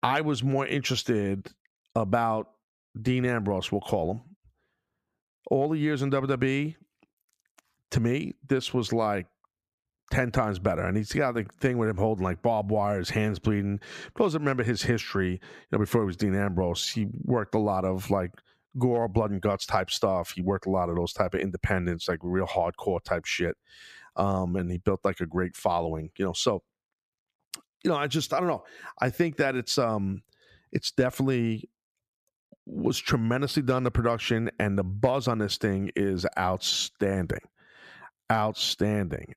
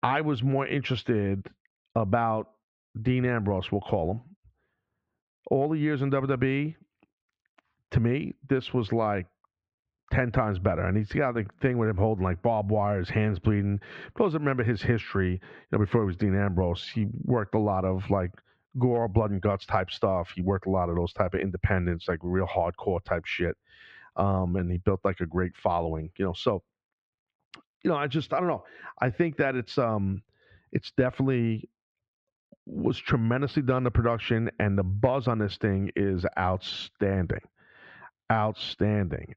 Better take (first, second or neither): first